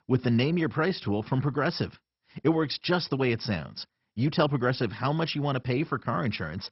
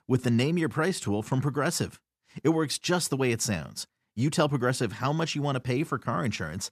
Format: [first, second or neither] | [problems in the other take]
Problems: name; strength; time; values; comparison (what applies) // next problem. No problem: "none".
second | garbled, watery; badly; nothing above 5.5 kHz